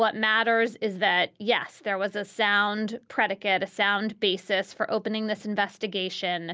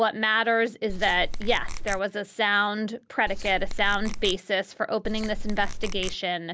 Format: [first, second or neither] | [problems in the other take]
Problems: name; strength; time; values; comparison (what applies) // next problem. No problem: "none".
first | background sound (Squeak / Tools); 2 dB below the speech